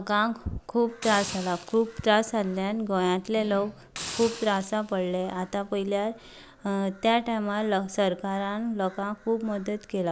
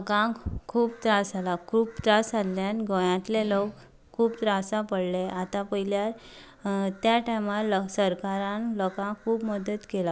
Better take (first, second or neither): second